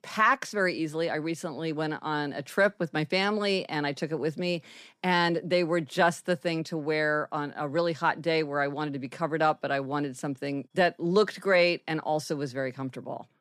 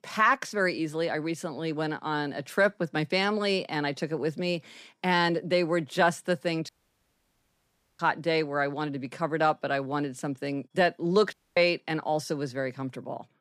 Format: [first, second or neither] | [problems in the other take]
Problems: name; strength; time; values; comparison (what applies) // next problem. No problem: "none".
first | audio cutting out; at 6.5 s for 1.5 s and at 11 s